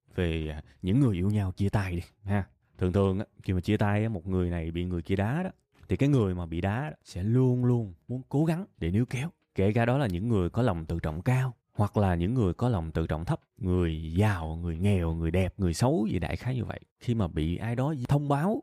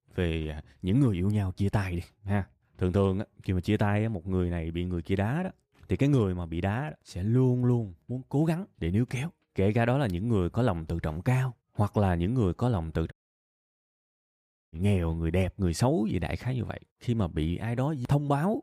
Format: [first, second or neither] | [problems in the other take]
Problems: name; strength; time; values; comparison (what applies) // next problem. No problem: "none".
first | audio cutting out; at 13 s for 1.5 s